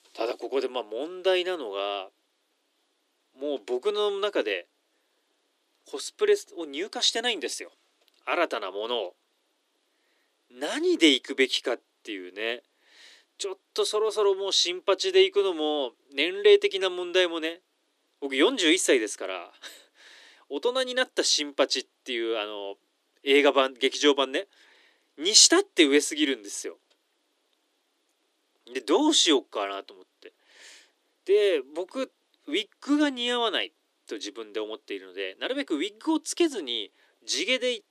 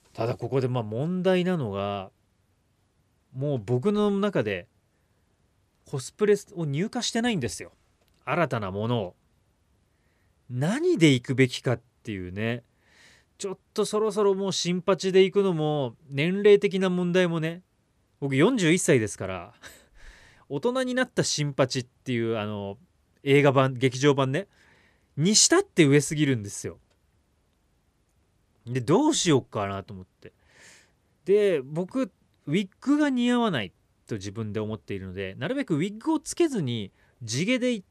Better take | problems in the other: second | thin; somewhat; fading below 300 Hz

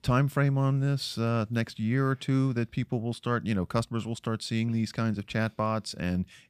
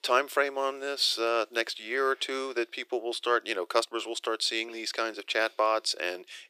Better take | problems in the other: first | thin; very; fading below 350 Hz

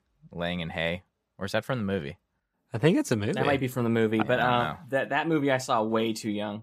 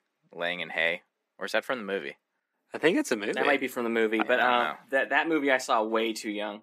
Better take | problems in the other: first | thin; somewhat; fading below 250 Hz

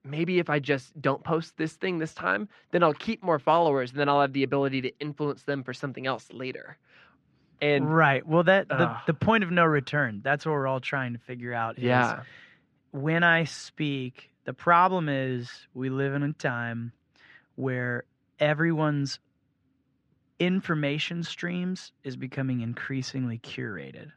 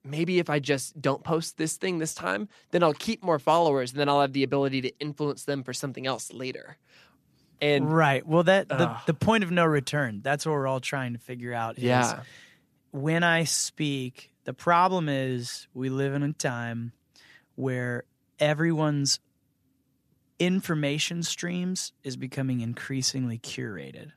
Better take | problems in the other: second | muffled; slightly; fading above 2.5 kHz

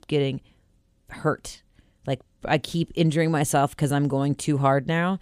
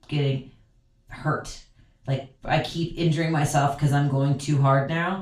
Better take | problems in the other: first | room echo; slight; dies away in 0.3 s // off-mic speech; far

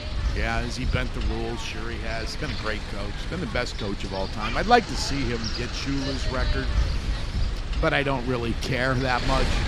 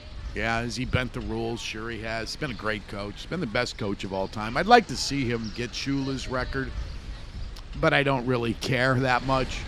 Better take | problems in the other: second | wind noise on the microphone; heavy; 7 dB below the speech; occasional gusts in the second

